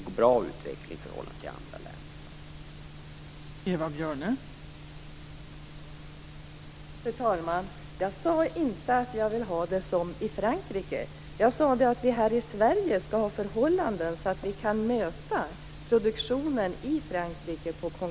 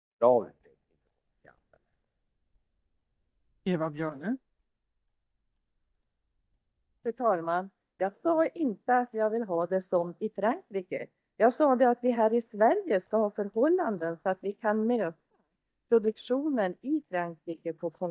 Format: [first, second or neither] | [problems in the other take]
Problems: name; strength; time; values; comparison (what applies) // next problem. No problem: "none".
first | noise reduction (neural mask model DeepFilterNet 3)